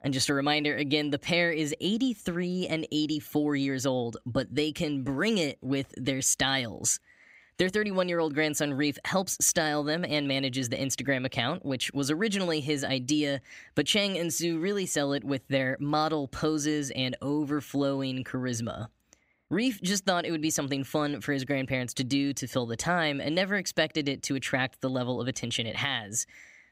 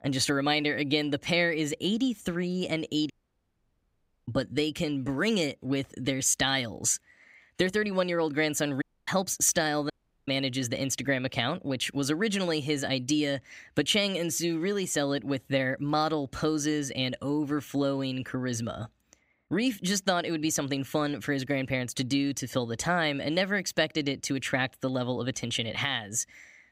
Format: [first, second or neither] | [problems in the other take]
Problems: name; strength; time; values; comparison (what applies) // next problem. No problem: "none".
first | audio cutting out; at 3 s for 1 s, at 9 s and at 10 s